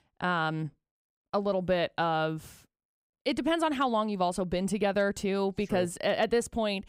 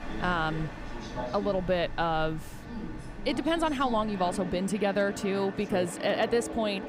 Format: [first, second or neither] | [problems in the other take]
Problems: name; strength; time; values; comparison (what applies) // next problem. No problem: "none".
first | train or aircraft noise; noticeable; throughout; 10 dB below the speech